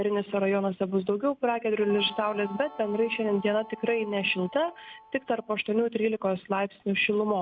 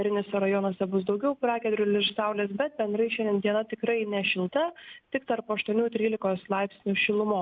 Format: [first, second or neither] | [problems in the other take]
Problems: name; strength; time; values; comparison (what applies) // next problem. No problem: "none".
second | background sound (Guitar); 18 dB below the speech